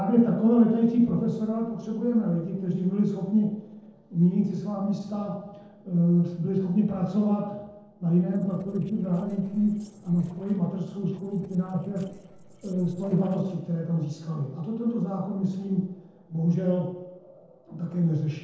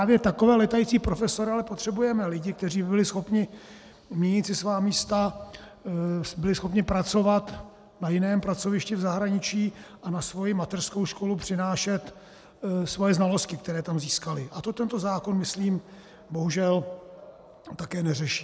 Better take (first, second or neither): second